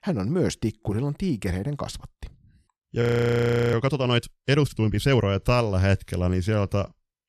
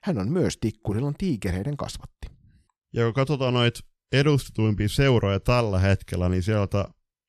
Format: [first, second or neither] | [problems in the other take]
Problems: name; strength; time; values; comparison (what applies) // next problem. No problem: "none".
second | audio freezing; at 3 s for 0.5 s